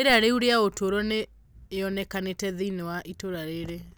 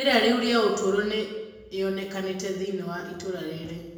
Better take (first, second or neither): first